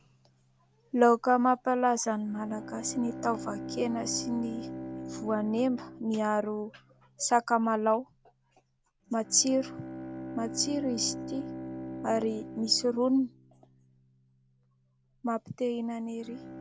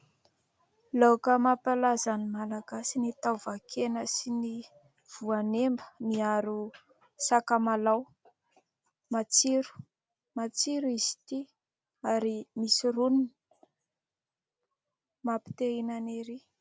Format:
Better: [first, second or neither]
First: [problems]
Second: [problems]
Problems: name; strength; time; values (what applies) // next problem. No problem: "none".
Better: second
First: background sound (Bowed string instrument); 12 dB below the speech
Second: none